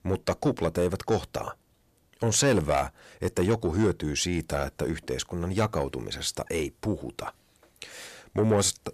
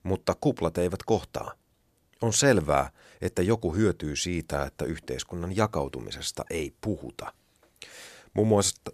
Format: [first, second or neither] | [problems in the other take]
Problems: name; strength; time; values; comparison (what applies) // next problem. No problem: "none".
second | distortion; slight; 10 dB below the speech